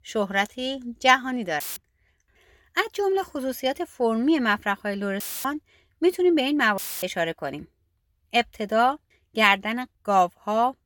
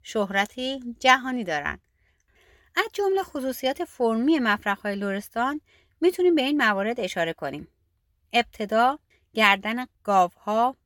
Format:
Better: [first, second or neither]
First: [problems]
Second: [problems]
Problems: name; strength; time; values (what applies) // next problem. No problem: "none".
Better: second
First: audio cutting out; filled with static; at 1.5 s, at 5 s and at 7 s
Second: none